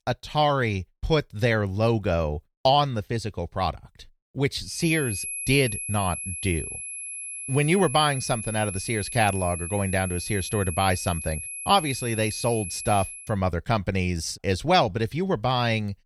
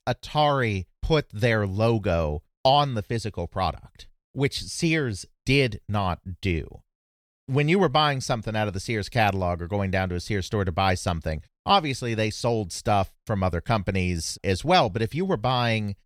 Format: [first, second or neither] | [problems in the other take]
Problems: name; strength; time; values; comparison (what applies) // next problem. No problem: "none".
second | high-pitched whine; loud; from 5 to 13 s; 11 kHz, 7 dB below the speech